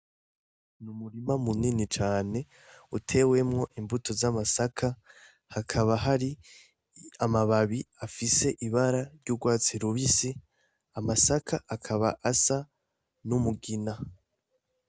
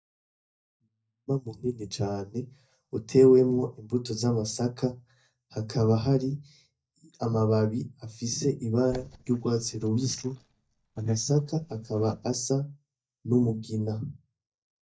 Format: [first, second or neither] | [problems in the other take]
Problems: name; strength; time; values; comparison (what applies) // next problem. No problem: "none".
first | noise reduction (neural mask model DeepFilterNet 3)